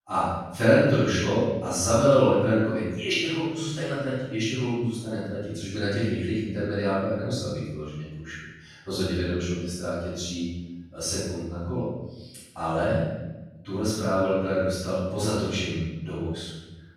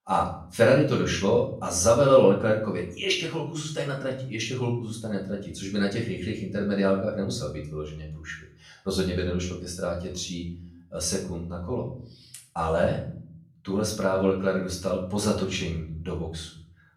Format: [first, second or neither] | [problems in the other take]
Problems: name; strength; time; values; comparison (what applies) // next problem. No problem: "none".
second | room echo; strong; dies away in 1 s; slight in the second // off-mic speech; far; far in the second